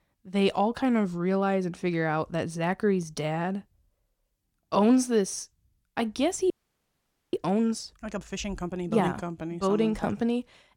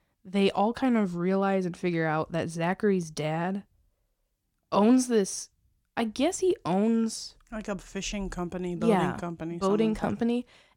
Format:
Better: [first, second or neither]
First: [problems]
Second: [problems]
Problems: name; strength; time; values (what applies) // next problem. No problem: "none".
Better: second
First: audio freezing; at 6.5 s for 1 s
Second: none